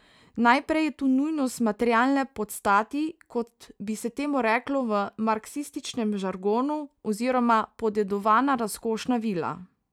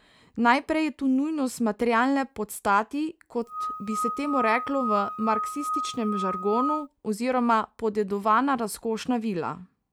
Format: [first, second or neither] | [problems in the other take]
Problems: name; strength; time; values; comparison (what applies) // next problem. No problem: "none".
first | background sound (Screech / Glass); 4 dB below the speech